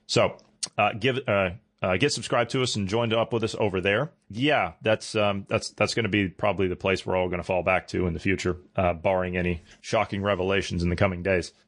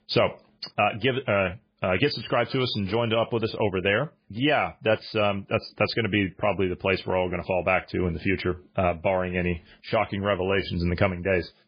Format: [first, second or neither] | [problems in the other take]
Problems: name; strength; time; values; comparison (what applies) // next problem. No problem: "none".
first | garbled, watery; badly; slightly in the first